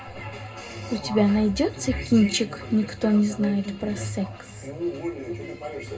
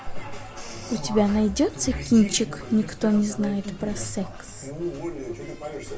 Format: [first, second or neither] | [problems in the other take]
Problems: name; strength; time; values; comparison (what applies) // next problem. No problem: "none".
second | room echo; dies away in 0.2 s